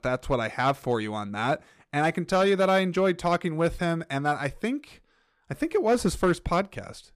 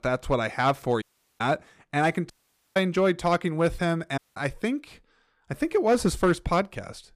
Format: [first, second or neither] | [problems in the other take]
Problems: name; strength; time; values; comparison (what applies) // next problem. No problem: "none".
first | audio cutting out; at 1 s, at 2.5 s and at 4 s